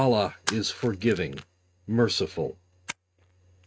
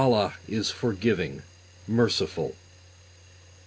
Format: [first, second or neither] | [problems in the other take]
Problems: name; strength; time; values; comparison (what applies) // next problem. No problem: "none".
second | noise reduction (neural mask model RNNoise)